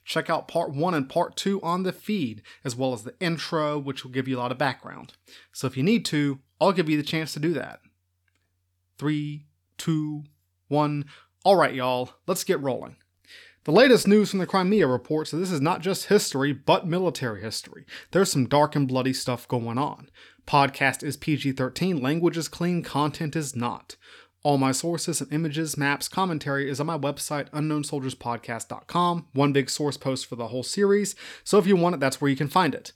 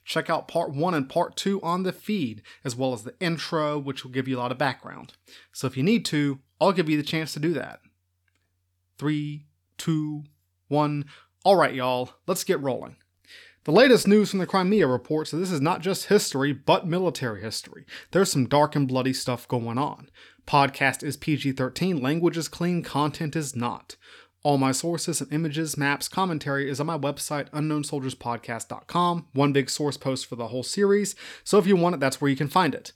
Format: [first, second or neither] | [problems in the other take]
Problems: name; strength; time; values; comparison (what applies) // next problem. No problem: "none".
neither | none